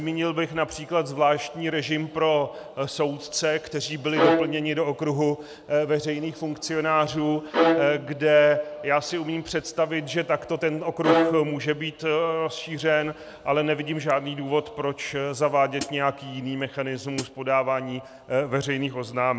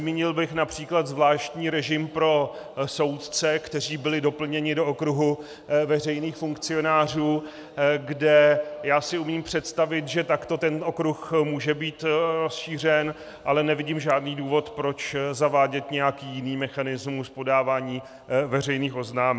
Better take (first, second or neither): second